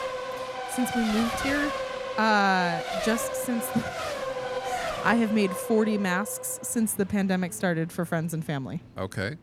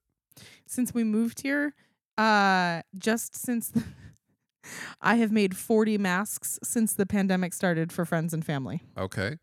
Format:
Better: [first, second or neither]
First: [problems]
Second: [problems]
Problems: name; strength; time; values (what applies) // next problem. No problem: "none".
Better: second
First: traffic noise; loud; throughout; 5 dB below the speech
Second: none